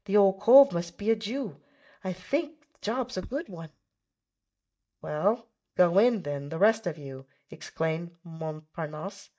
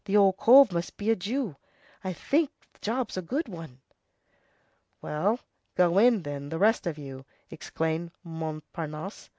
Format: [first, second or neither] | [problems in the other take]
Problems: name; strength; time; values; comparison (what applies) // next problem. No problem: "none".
second | noise reduction (neural mask model DeepFilterNet 3)